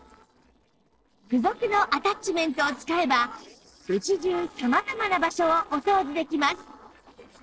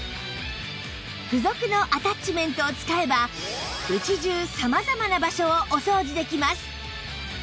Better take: second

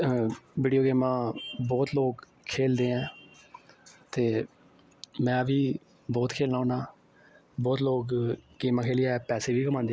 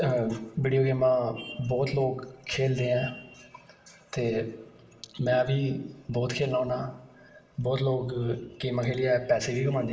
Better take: first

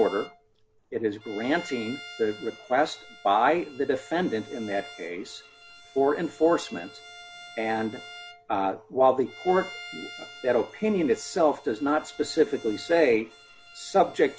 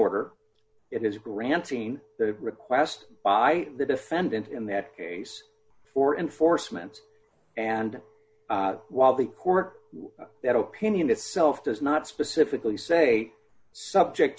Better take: second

